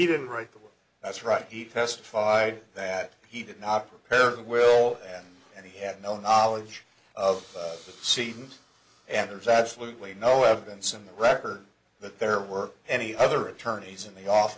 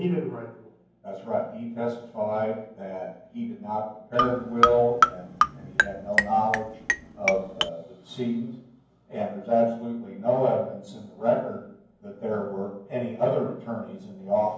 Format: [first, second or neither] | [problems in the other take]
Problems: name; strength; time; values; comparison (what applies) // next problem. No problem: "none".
first | background sound (Marimba, xylophone); 3 dB above the speech // room echo; dies away in 0.9 s